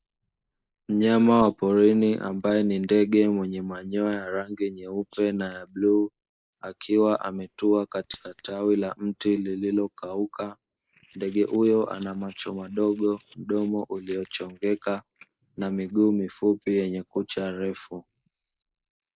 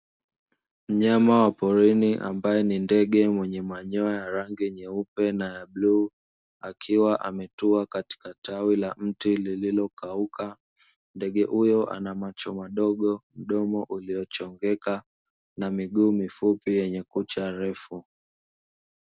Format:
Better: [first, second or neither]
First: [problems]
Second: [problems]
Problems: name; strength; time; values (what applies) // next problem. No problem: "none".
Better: second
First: noise reduction (neural mask model Resemble Enhance denoiser)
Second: none